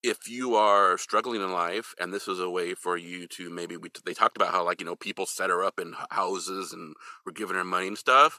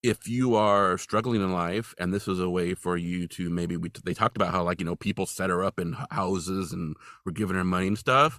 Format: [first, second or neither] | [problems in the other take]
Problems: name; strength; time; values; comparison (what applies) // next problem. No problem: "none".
second | thin; somewhat; fading below 350 Hz